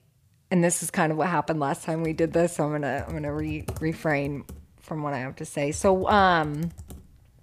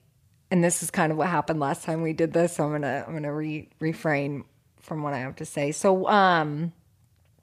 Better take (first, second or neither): second